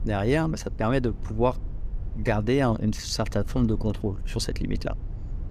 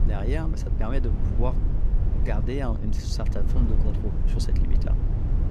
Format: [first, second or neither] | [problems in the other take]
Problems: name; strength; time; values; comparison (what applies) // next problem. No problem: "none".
first | low rumble; loud; throughout; 5 dB below the speech; faint in the first